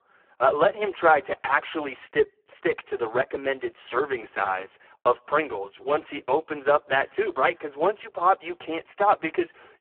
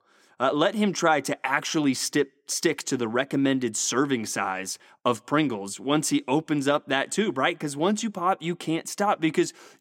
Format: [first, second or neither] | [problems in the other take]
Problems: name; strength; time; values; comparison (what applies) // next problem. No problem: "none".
second | phone-call audio; poor line